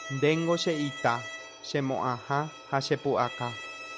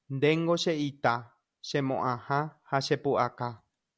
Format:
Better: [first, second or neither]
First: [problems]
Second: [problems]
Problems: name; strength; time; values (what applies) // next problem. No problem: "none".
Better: second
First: background sound (Bowed string instrument); 13 dB below the speech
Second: none